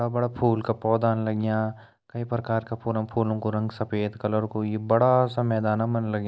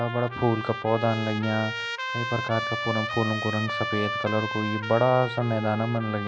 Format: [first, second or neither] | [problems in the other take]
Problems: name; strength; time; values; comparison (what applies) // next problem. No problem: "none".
first | background sound (Trumpet); 6 dB below the speech